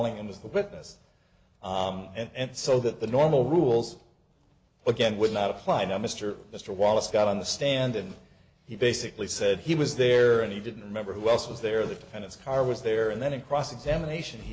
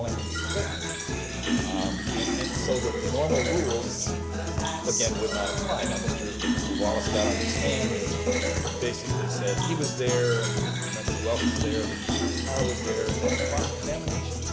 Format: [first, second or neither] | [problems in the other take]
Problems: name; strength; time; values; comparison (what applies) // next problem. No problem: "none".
first | background sound (Guitar + Fill (with liquid)); 4 dB above the speech